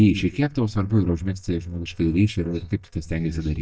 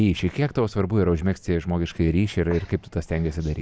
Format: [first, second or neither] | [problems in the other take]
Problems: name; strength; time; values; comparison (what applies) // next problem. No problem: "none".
second | noise reduction (neural mask model DeepFilterNet 3)